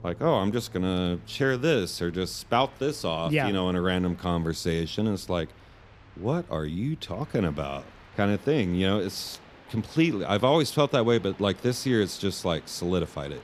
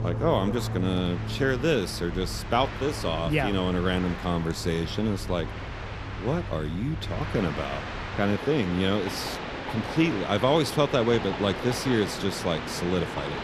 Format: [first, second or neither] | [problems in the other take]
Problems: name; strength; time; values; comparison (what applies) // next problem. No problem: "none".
first | train or aircraft noise; loud; throughout; 7 dB below the speech; faint in the first